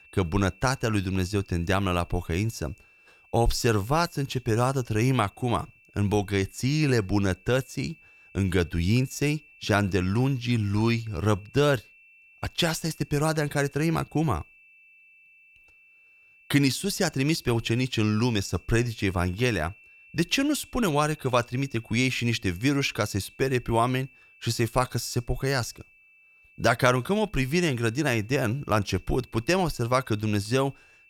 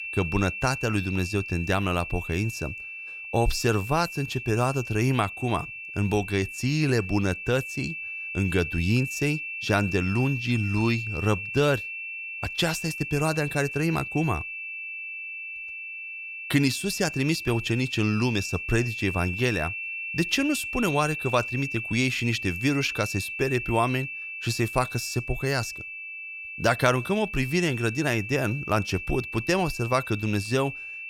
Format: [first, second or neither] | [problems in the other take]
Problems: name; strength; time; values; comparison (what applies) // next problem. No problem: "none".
first | high-pitched whine; loud; throughout; 2.5 kHz, 7 dB below the speech; faint in the first